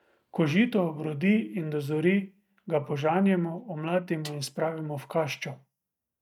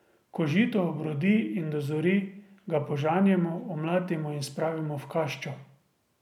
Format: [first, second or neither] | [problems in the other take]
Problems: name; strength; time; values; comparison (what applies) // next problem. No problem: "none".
second | noise reduction (neural mask model DeepFilterNet 3)